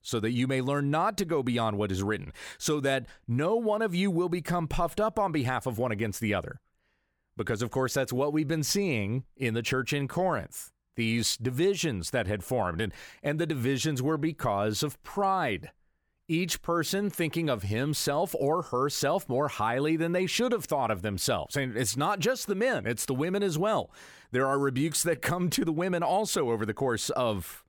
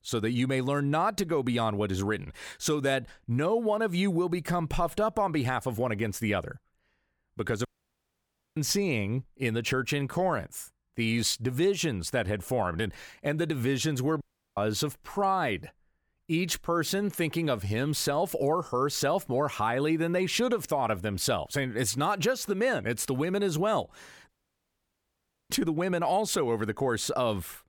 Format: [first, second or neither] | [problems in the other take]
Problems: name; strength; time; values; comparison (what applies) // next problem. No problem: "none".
first | audio cutting out; at 7.5 s for 1 s, at 14 s and at 24 s for 1 s